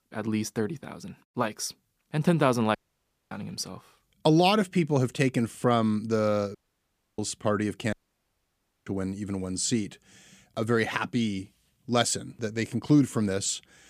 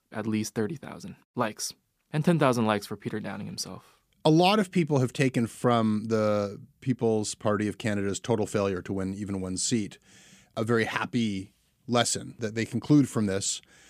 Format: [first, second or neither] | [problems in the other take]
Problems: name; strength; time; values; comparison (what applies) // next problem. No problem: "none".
second | audio cutting out; at 3 s for 0.5 s, at 6.5 s for 0.5 s and at 8 s for 1 s